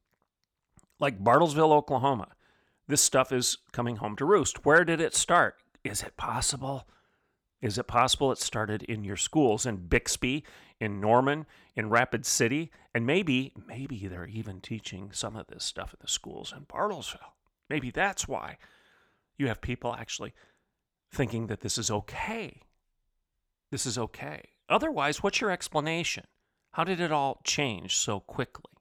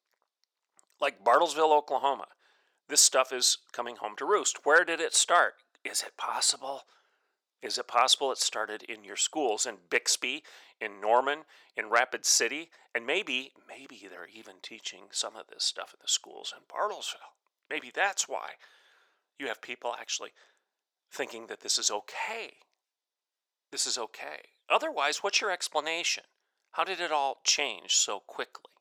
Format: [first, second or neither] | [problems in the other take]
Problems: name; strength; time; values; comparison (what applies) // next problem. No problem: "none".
first | thin; very; fading below 450 Hz